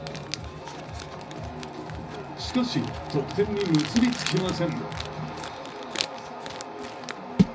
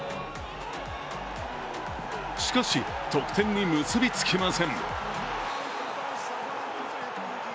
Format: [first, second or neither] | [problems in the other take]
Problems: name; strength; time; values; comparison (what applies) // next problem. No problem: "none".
second | background sound (Crumpling, crinkling); 5 dB below the speech // room echo; dies away in 0.4 s